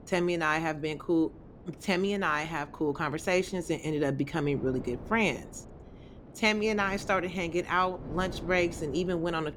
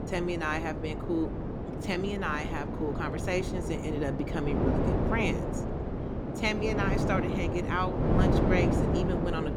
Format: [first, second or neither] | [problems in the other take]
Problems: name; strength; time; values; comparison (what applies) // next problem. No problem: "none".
first | wind noise on the microphone; heavy; 2 dB below the speech; occasional gusts in the first